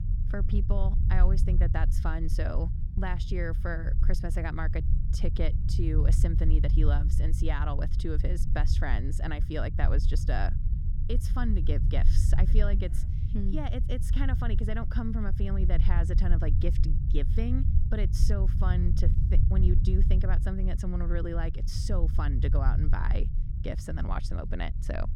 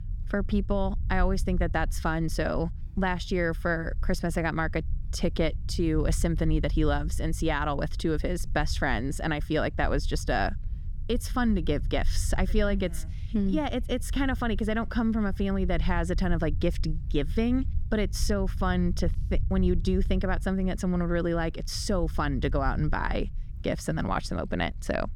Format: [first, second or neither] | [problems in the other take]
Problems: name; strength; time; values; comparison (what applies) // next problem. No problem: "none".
second | low rumble; loud; throughout; 7 dB below the speech; faint in the second